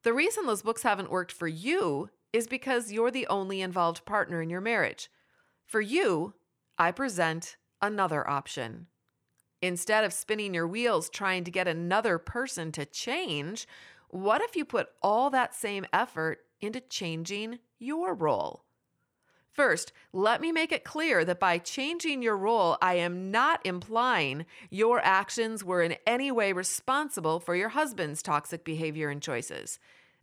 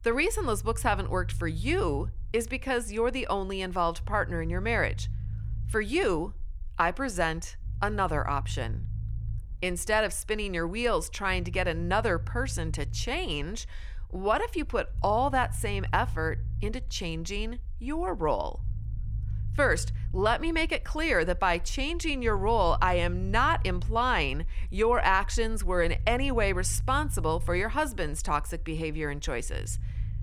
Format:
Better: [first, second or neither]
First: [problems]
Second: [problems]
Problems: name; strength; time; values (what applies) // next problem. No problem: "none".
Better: first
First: none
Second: low rumble; faint; throughout; 25 dB below the speech